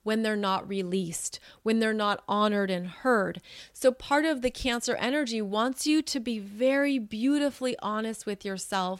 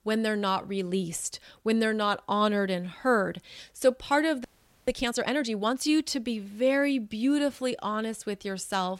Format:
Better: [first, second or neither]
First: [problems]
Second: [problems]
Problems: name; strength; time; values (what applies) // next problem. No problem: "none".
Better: first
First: none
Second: audio freezing; at 4.5 s